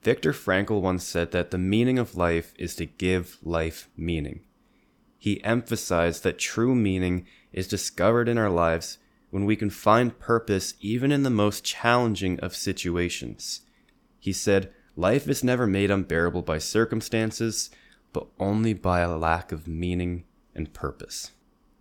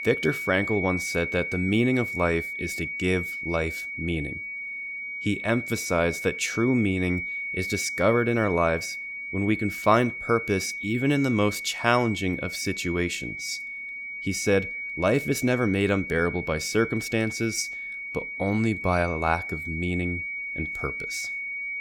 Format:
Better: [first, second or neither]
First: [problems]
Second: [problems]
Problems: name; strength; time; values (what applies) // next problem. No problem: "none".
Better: first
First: none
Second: high-pitched whine; loud; throughout; 2 kHz, 5 dB below the speech